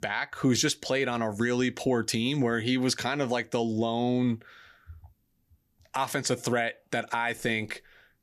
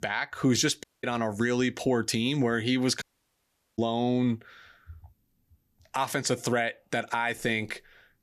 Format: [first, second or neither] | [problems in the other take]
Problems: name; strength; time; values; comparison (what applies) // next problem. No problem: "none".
first | audio cutting out; at 1 s and at 3 s for 1 s